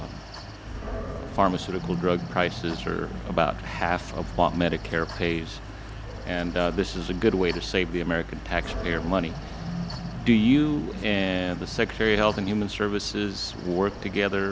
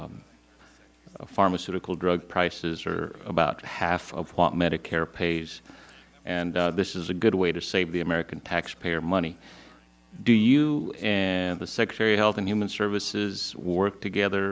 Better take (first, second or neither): second